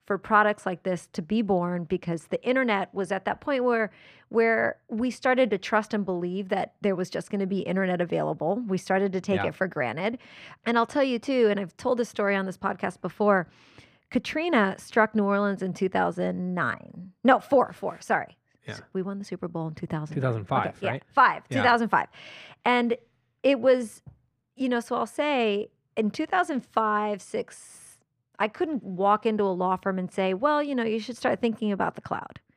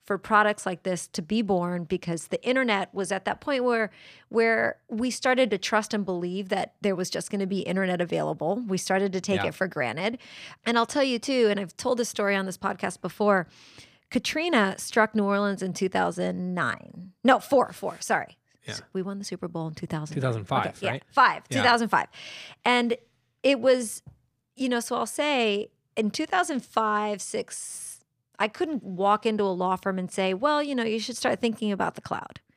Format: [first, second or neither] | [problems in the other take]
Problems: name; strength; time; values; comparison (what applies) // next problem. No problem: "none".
second | muffled; slightly; fading above 3 kHz